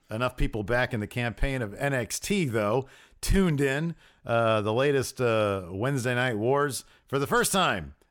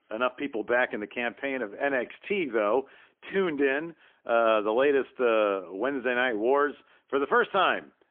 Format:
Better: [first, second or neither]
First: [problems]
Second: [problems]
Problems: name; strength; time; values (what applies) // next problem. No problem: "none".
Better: first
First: none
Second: phone-call audio; poor line; nothing above 3.5 kHz